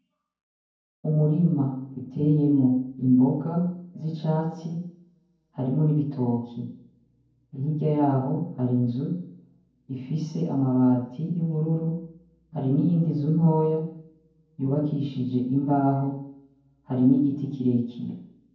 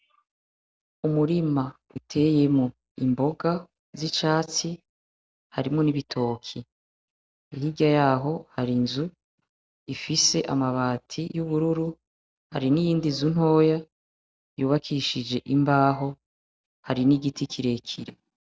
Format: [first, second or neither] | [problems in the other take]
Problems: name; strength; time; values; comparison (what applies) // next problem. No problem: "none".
second | room echo; dies away in 0.9 s